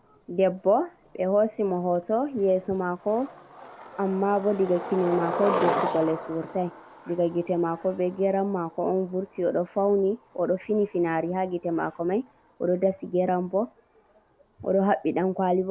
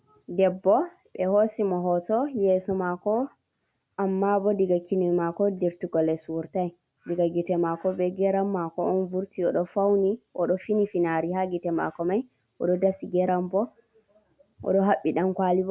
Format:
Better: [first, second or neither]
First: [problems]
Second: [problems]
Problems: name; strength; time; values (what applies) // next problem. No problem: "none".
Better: second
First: background sound (Skateboard); 11 dB below the speech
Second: none